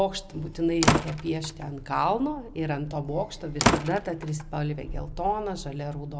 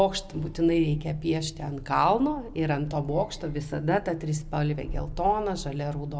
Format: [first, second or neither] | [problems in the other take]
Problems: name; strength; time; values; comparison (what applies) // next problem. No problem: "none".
second | background sound (Slam); 1 dB below the speech